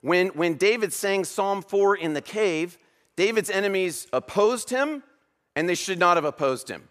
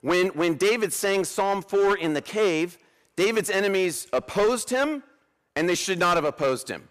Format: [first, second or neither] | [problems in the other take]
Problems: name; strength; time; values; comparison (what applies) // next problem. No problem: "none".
first | distortion; slight; 8% of the sound clipped